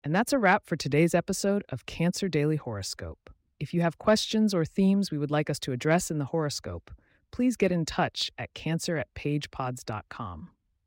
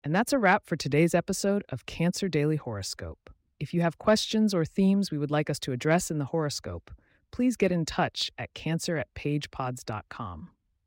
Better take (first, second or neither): neither